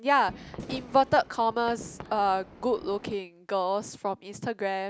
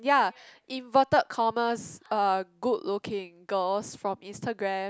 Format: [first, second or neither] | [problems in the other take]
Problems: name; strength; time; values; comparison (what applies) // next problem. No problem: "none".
second | background sound (Fireworks); 16 dB below the speech